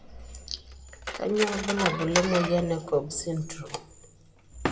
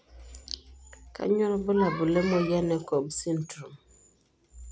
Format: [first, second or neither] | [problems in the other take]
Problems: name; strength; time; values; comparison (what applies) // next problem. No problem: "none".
second | background sound (Cutlery, silverware); 6 dB below the speech // room echo; dies away in 1 s